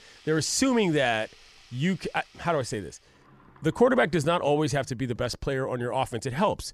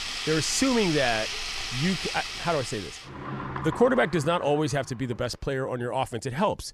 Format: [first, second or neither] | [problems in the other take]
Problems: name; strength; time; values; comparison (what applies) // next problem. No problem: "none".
first | household noises; loud; throughout; 5 dB below the speech; faint in the first